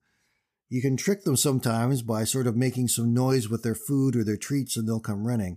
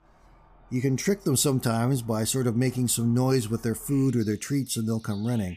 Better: first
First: none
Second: animal sounds; faint; throughout; 30 dB below the speech

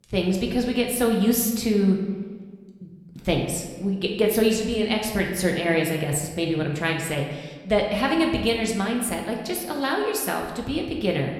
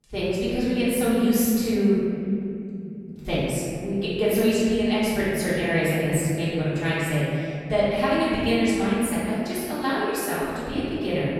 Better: first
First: room echo; slight; dies away in 1.1 s // off-mic speech; somewhat distant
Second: room echo; strong; dies away in 2.5 s // off-mic speech; far

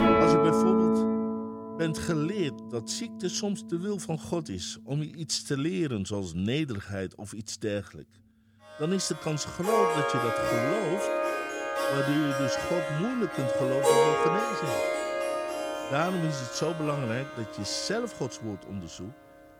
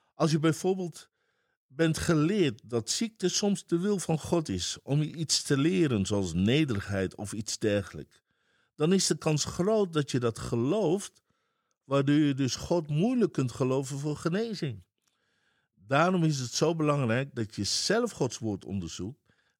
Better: second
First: background music; very loud; throughout; 3 dB above the speech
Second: none

